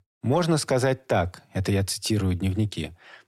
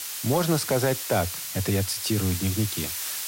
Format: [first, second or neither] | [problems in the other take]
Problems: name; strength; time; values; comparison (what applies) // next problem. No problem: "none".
first | hiss; loud; throughout; 4 dB below the speech